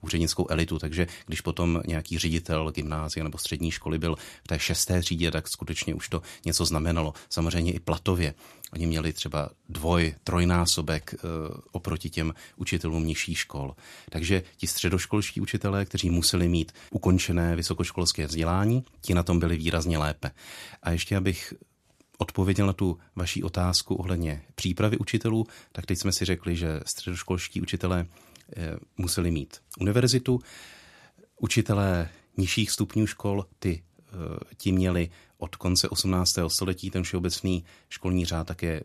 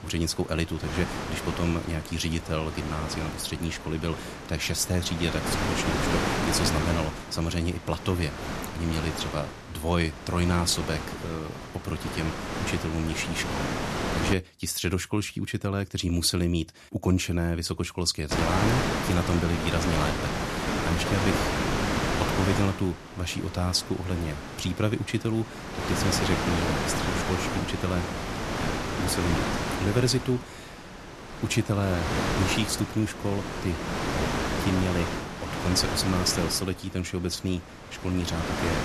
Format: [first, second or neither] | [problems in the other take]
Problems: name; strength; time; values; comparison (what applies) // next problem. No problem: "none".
first | wind noise on the microphone; heavy; until 14 s and from 18 s on; 1 dB above the speech